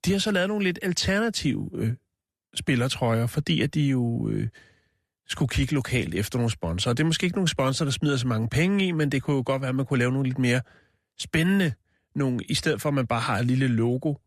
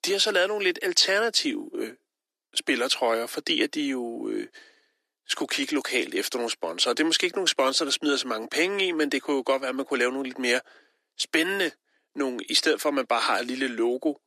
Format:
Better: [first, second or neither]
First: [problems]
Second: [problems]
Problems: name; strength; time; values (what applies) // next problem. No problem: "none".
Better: first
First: none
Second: thin; somewhat; fading below 300 Hz